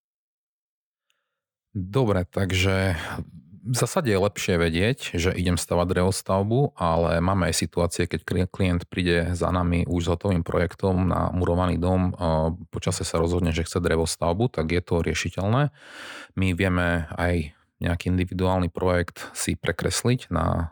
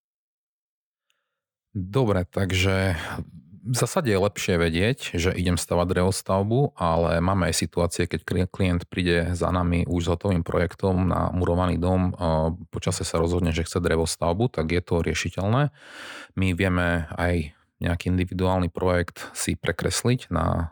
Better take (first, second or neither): neither